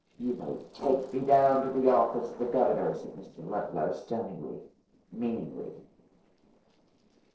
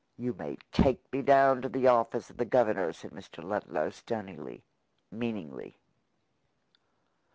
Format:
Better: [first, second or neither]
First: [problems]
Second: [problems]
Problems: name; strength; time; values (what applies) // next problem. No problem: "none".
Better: second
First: noise reduction (neural separator model SepFormer DNS4)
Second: none